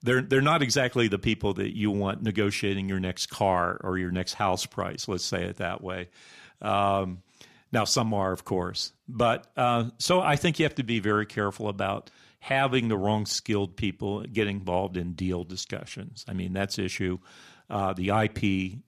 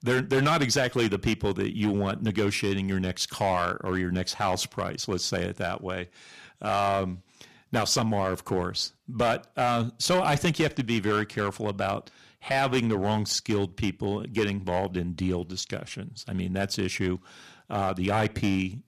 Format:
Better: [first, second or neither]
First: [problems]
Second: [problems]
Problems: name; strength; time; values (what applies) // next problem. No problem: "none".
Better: first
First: none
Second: distortion; slight; 5% of the sound clipped